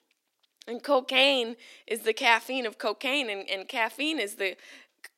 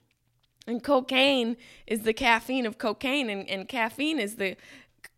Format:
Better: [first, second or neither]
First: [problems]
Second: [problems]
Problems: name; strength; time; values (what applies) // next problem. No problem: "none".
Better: second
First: thin; very slightly; fading below 300 Hz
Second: none